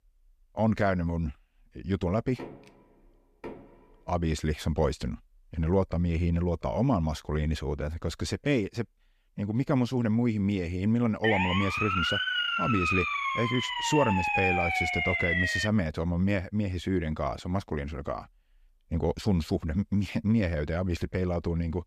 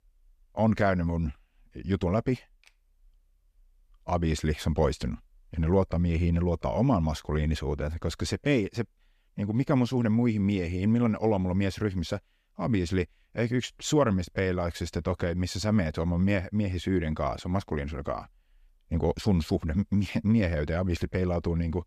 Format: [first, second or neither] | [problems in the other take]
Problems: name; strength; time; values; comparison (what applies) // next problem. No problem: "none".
second | door banging; faint; from 2.5 to 4 s; peak 15 dB below the speech // siren; loud; from 11 to 16 s; peak 4 dB above the speech